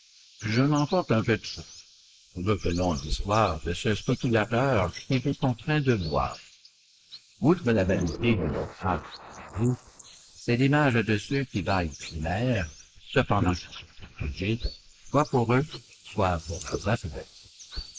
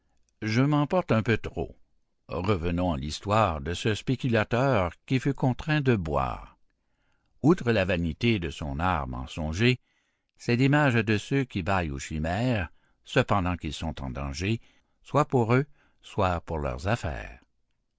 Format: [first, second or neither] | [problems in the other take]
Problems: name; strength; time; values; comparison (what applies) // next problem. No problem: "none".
second | noise reduction (neural mask model Resemble Enhance denoiser)